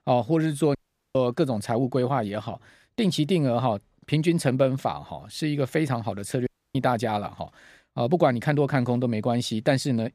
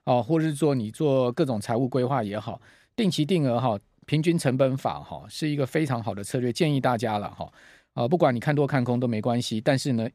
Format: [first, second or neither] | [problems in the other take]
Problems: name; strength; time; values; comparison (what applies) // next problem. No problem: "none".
second | audio cutting out; at 1 s and at 6.5 s